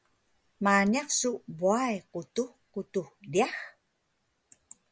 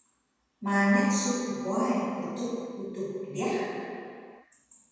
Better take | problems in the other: first | room echo; dies away in 2.1 s

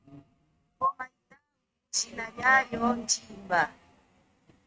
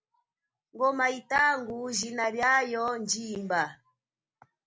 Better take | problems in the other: second | noise reduction (neural mask model RNNoise)

